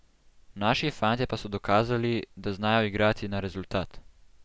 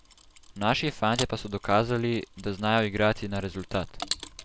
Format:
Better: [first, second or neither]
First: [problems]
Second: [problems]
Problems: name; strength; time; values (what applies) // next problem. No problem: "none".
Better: first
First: none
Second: background sound (Mechanisms); 14 dB below the speech